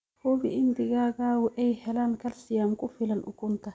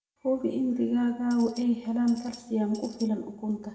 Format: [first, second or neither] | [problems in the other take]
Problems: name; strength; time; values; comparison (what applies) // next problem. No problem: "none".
first | background sound (Tambourine); 20 dB below the speech // room echo; dies away in 1.2 s